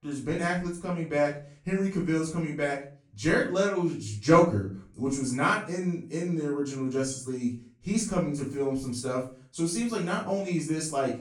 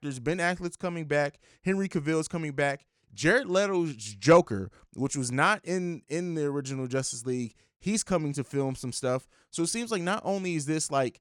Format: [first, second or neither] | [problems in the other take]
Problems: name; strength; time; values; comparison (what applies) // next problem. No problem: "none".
second | off-mic speech; far // room echo; slight; dies away in 0.3 s